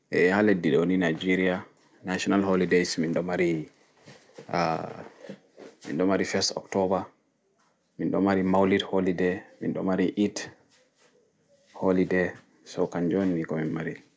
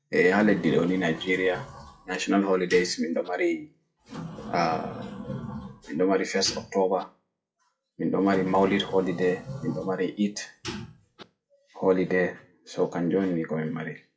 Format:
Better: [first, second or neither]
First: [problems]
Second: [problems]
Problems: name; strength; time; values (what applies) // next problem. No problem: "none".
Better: first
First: none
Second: noise reduction (classical method WPE with log-MMSE)